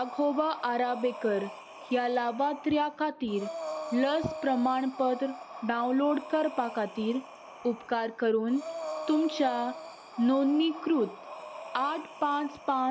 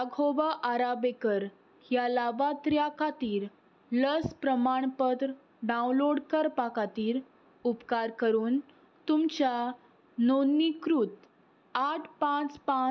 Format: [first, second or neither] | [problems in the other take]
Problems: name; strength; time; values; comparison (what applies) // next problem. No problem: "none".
second | background sound (Breathing); 12 dB below the speech